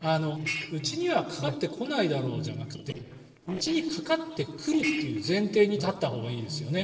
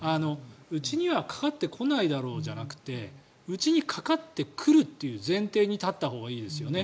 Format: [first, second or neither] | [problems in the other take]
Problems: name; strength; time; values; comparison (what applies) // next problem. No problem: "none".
second | noise reduction (neural separator model SepFormer DNS4)